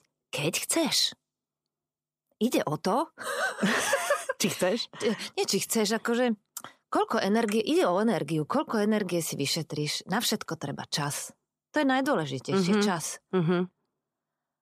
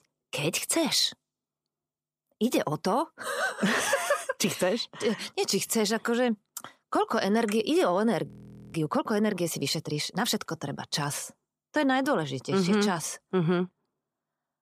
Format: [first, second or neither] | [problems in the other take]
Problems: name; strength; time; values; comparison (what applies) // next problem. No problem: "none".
first | audio freezing; at 8.5 s